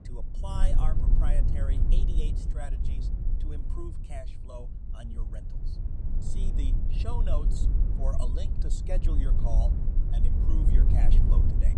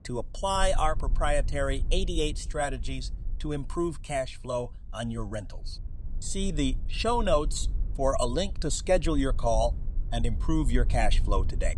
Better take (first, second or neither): second